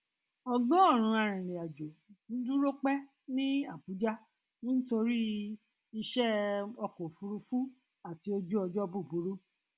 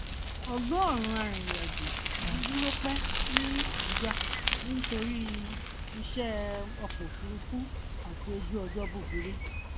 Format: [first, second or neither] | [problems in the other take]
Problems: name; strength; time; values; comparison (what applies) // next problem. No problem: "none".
first | background sound (Bicycle); 2 dB above the speech